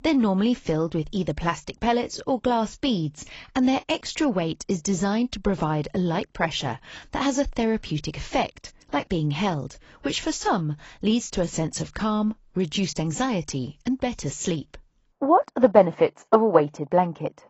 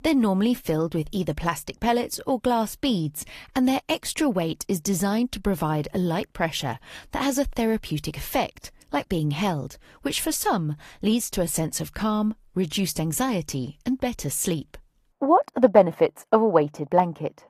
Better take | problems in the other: second | garbled, watery; badly; nothing above 8 kHz; slightly in the second

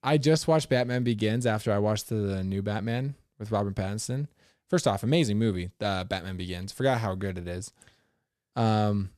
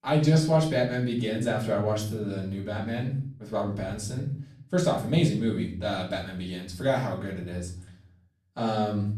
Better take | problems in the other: first | off-mic speech; far // room echo; slight; dies away in 0.6 s

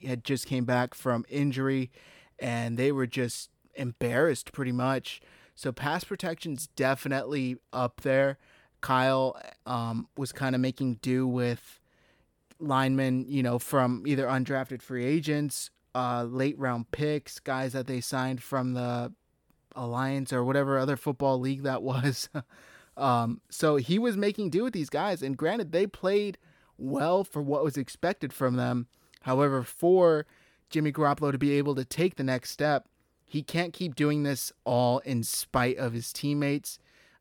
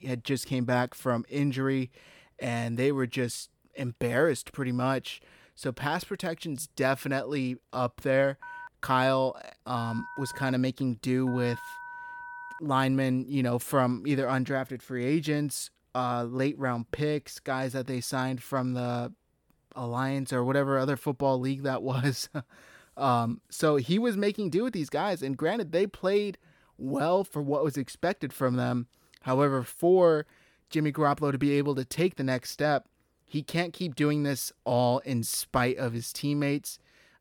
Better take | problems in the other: first | phone ringing; faint; from 8.5 to 13 s; peak 10 dB below the speech

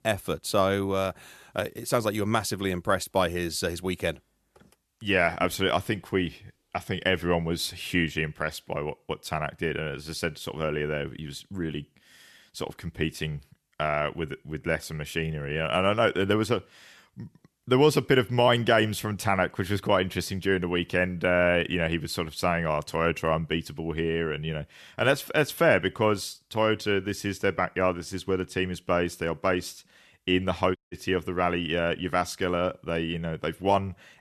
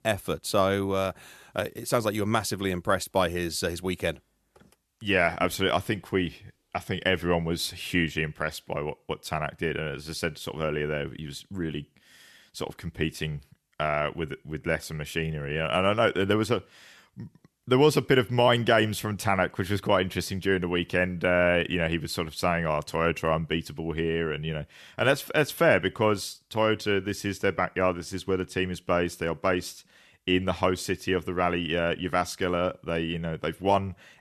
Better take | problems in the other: second | audio cutting out; at 31 s

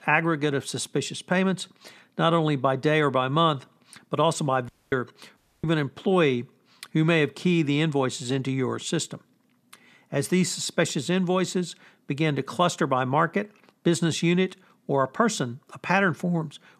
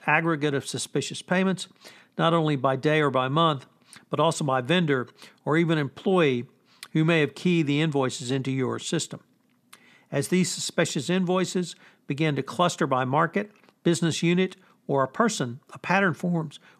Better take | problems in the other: second | audio cutting out; at 4.5 s and at 5.5 s

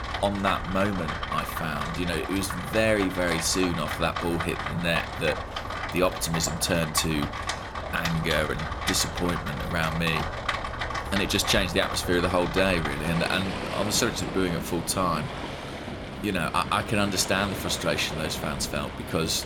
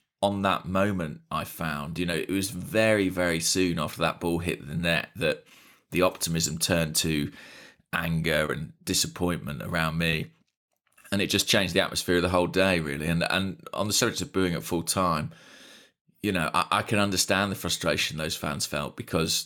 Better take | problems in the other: second | rain or running water; loud; throughout; 6 dB below the speech

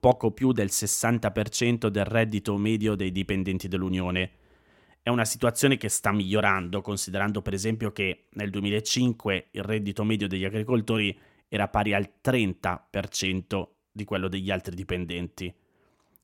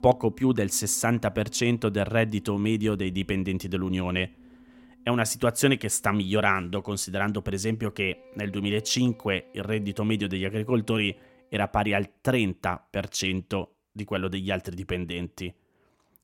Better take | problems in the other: first | background music; faint; until 12 s; 25 dB below the speech

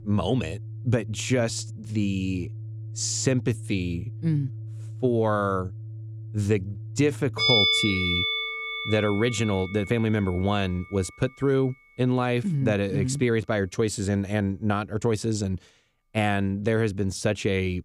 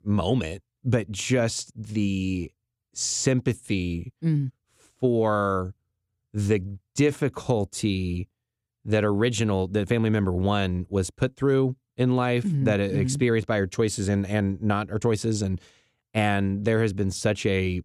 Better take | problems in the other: second | background music; loud; throughout; 3 dB below the speech

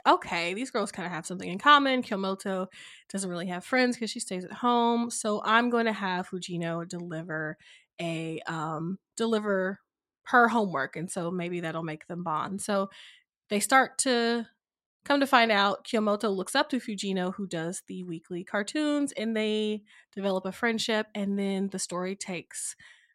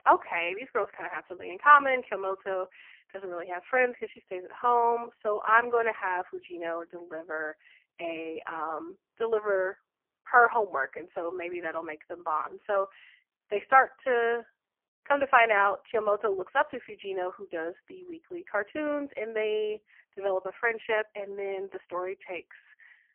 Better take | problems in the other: first | phone-call audio; poor line; nothing above 3 kHz

